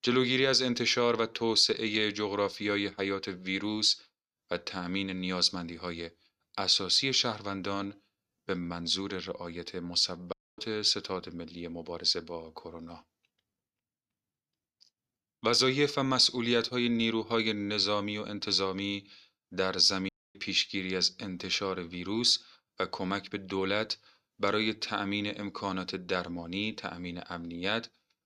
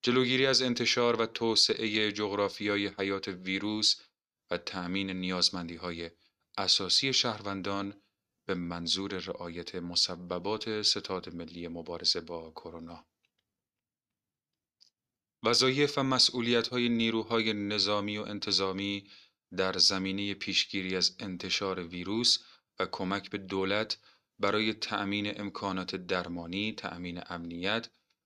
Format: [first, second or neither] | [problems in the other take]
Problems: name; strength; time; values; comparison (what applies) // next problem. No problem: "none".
second | audio cutting out; at 10 s and at 20 s